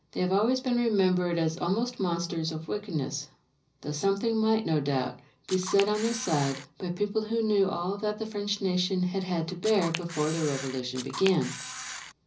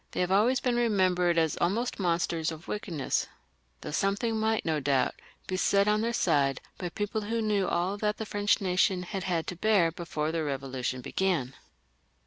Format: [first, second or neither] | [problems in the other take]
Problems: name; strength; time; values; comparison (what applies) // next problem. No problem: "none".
second | background sound (Camera); 10 dB below the speech // room echo; dies away in 0.5 s